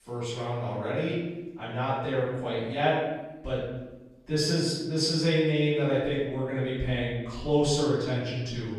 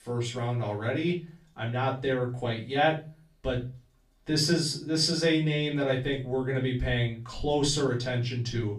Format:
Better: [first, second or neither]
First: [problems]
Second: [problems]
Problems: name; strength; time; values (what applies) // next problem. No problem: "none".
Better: second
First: room echo; strong; dies away in 1 s // off-mic speech; far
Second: room echo; slight; dies away in 0.3 s // off-mic speech; far